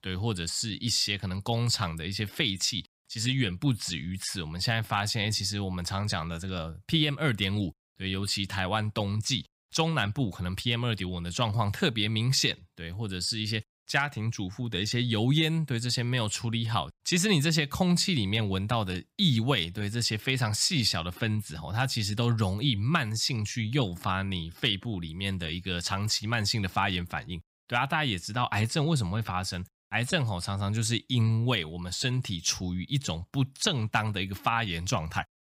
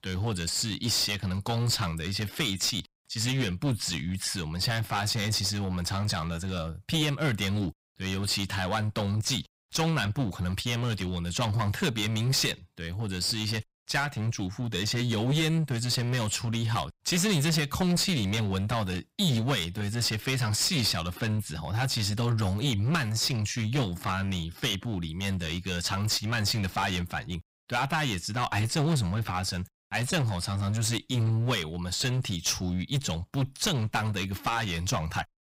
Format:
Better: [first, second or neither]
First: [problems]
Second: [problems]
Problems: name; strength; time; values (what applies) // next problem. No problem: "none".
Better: first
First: none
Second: distortion; heavy; 13% of the sound clipped